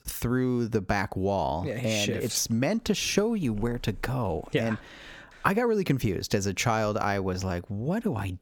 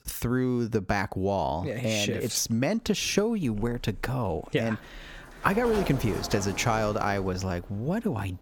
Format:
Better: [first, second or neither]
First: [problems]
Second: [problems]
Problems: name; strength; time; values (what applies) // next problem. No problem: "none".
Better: first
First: none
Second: door banging; noticeable; from 5 s on; peak 6 dB below the speech